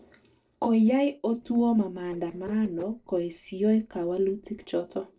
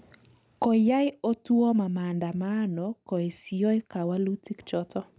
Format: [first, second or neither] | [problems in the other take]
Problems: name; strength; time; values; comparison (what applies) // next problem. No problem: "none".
second | noise reduction (neural separator model SepFormer DNS4)